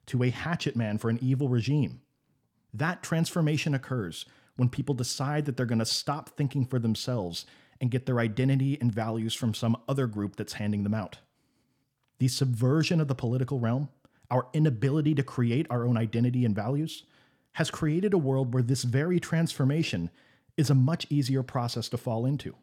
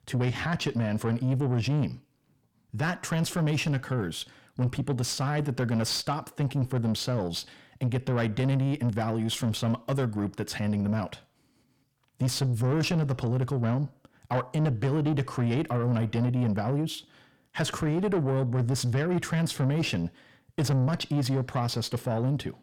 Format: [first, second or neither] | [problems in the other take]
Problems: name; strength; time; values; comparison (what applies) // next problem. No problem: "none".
first | distortion; slight; 10 dB below the speech